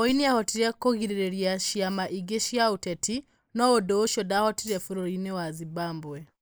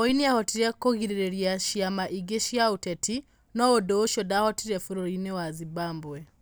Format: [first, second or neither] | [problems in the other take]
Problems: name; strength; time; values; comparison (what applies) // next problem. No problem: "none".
second | noise reduction (neural mask model Resemble Enhance denoiser)